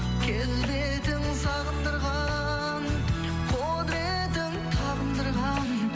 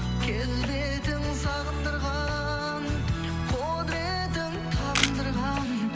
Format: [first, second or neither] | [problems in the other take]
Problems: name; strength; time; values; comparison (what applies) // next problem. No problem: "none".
first | background sound (Camera); 4 dB below the speech